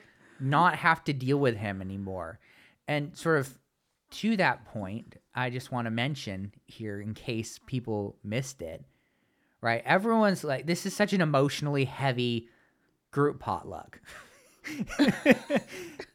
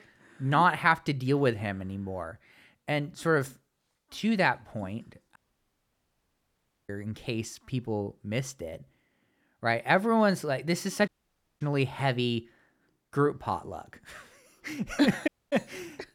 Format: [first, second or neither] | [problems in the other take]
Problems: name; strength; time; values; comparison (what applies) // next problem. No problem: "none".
first | audio cutting out; at 5.5 s for 1.5 s, at 11 s for 0.5 s and at 15 s